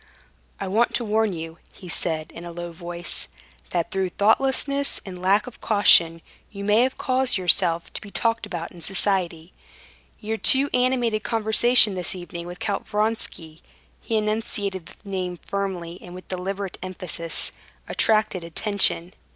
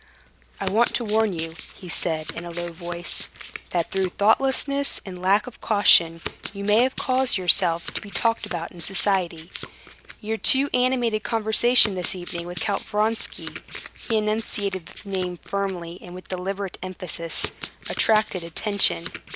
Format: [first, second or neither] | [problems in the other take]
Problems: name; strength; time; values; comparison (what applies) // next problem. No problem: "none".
first | background sound (Domestic sounds, home sounds); 15 dB below the speech